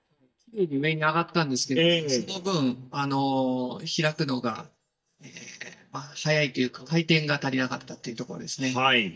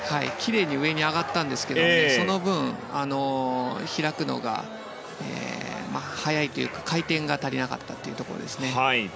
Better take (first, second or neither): second